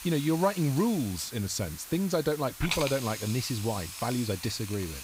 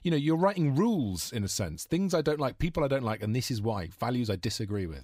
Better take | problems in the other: second | hiss; loud; throughout; 8 dB below the speech

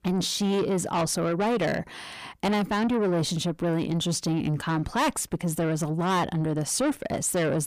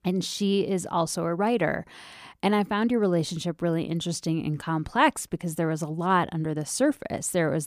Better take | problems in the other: second | distortion; heavy; 7 dB below the speech

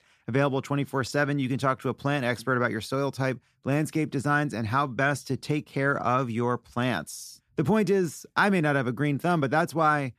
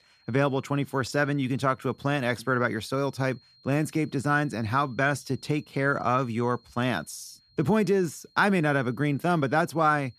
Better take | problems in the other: first | high-pitched whine; faint; throughout; 4 kHz, 30 dB below the speech

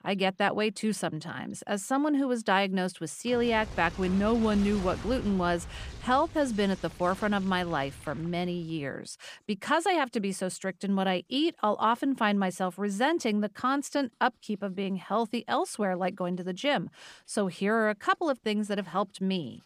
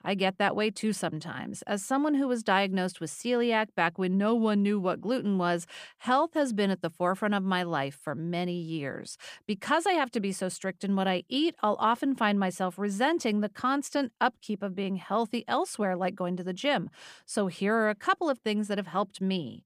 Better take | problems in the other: second | household noises; noticeable; throughout; 15 dB below the speech

